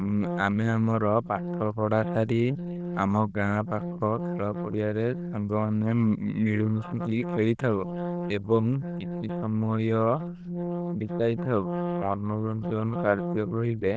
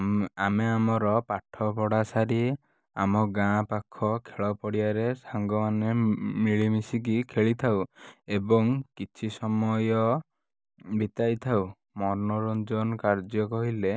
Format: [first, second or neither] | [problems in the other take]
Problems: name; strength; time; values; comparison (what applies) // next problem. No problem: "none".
second | noise reduction (neural diffusion model UNIVERSE++)